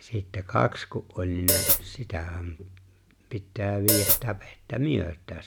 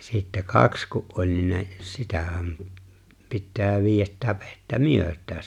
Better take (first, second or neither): second